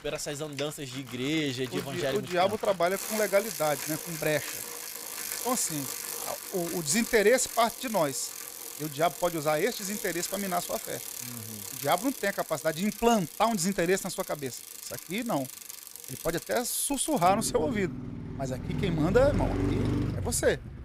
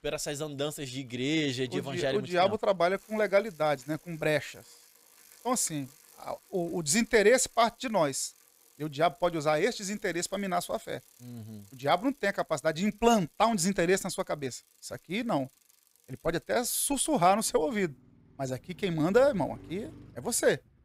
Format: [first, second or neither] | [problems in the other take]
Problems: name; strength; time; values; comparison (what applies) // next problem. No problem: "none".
second | traffic noise; loud; throughout; 7 dB below the speech; faint in the second